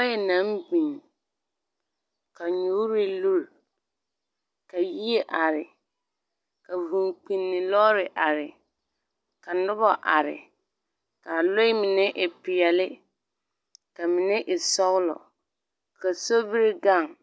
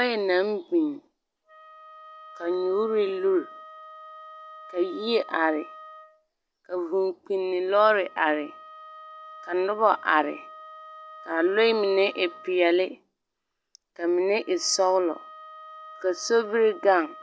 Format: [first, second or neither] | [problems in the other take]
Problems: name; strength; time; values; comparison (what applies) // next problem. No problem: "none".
first | background sound (Wind instrument, woodwind instrument); 20 dB below the speech